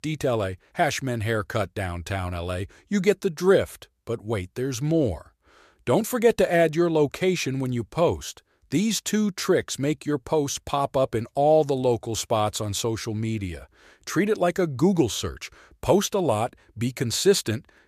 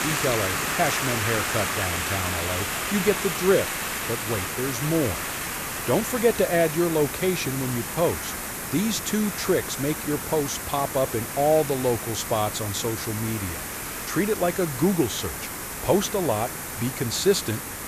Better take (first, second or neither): first